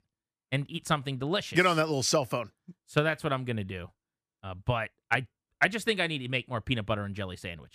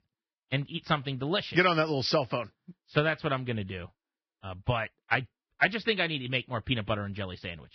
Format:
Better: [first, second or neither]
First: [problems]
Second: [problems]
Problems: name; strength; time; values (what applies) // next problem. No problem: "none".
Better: first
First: none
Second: garbled, watery; badly; nothing above 5.5 kHz